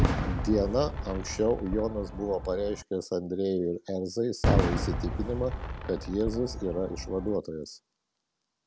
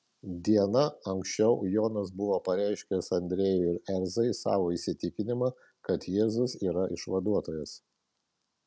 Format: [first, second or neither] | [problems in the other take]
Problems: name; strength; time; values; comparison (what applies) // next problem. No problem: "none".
second | background sound (Fireworks); 2 dB below the speech